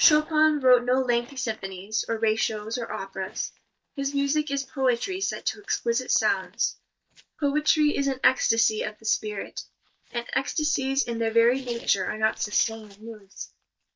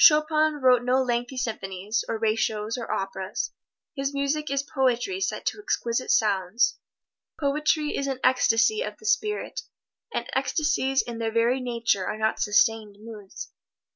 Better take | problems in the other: second | noise reduction (neural mask model DeepFilterNet 3)

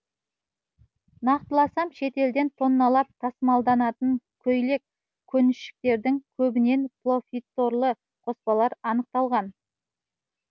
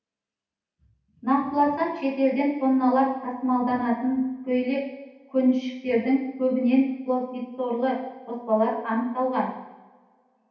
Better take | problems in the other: first | room echo; dies away in 0.9 s

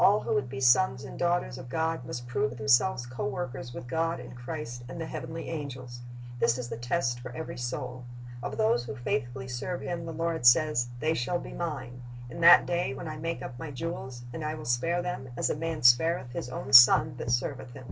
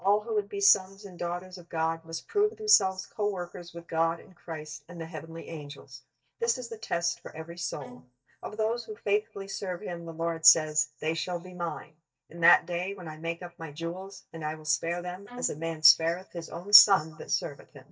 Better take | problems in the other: first | noise reduction (neural mask model DeepFilterNet 3)

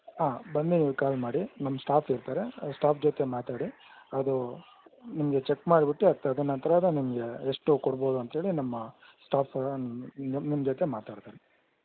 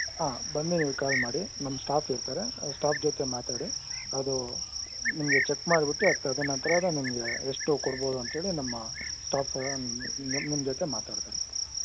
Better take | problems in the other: first | background sound (Cricket); 2 dB below the speech

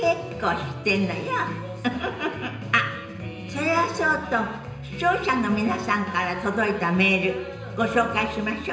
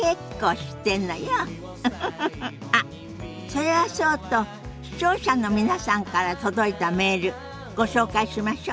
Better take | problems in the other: second | room echo; dies away in 0.9 s

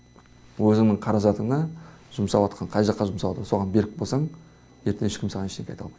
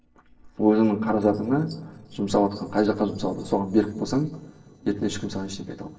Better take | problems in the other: first | noise reduction (neural separator model SepFormer DNS4)

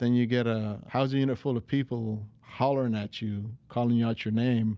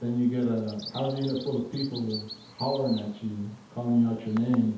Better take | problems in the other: first | background sound (Bird vocalization, bird call, bird song); 17 dB below the speech // room echo; dies away in 0.8 s

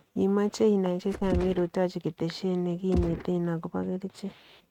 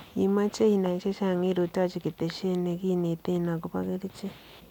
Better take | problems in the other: second | noise reduction (neural mask model RNNoise)

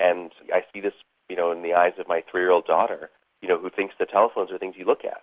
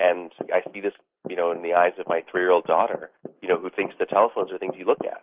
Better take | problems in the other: first | noise reduction (neural mask model Resemble Enhance denoiser)

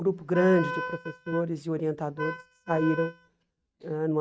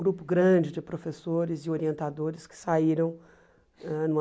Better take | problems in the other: second | noise reduction (neural mask model RNNoise)

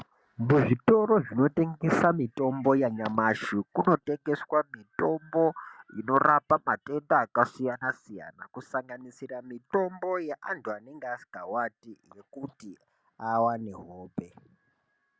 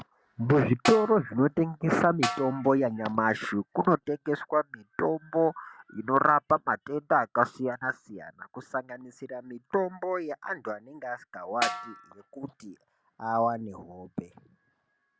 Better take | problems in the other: first | background sound (Snare drum); 7 dB below the speech

